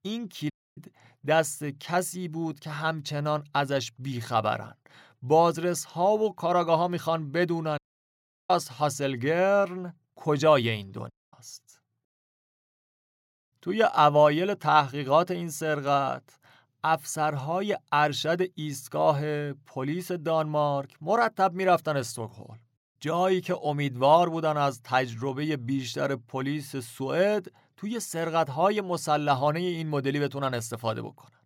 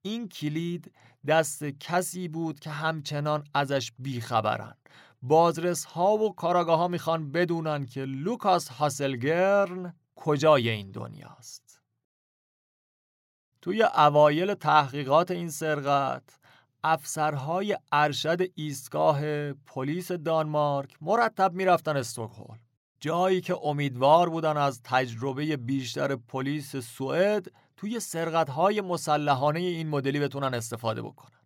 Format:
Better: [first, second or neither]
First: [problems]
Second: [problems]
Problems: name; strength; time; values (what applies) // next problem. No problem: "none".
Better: second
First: audio cutting out; at 0.5 s, at 8 s for 0.5 s and at 11 s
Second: none